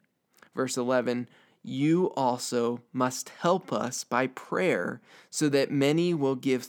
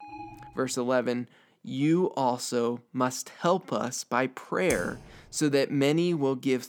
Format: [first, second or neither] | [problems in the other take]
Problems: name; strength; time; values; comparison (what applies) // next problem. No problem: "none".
first | alarm; faint; at the start; peak 15 dB below the speech // keyboard typing; noticeable; at 4.5 s; peak 10 dB below the speech